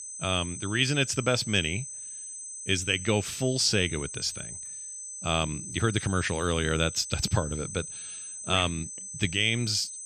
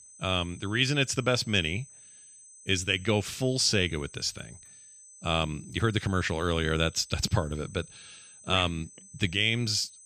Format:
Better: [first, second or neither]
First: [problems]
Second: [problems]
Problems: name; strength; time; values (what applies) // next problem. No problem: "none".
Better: second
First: high-pitched whine; loud; throughout; 8 kHz, 9 dB below the speech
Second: high-pitched whine; faint; throughout; 8 kHz, 20 dB below the speech